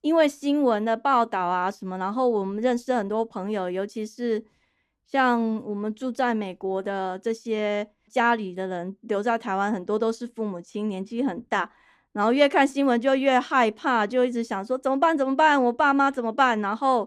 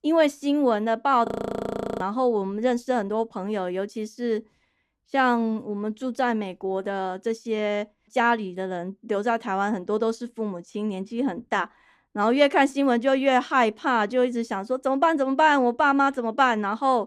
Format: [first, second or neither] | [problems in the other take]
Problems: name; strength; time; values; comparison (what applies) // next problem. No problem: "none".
first | audio freezing; at 1.5 s for 0.5 s